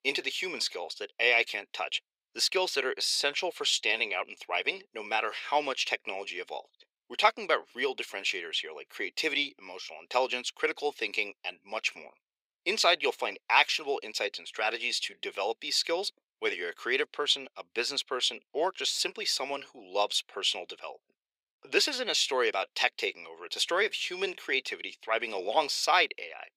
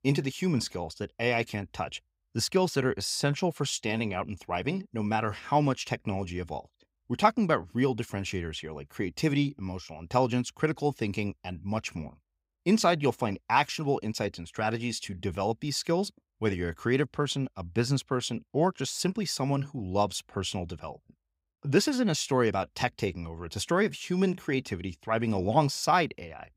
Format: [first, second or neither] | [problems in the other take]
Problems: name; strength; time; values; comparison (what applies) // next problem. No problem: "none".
second | thin; very; fading below 450 Hz